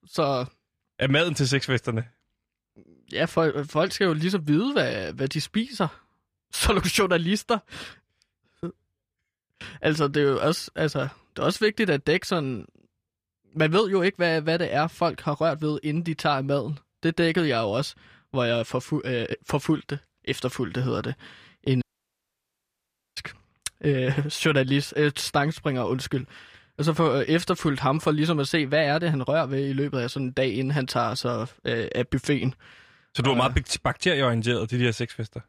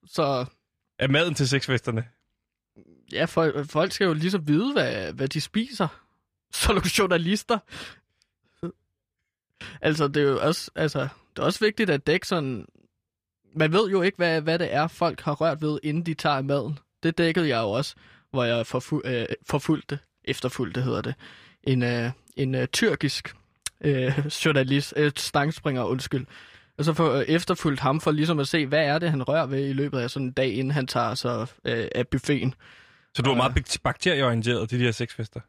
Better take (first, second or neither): second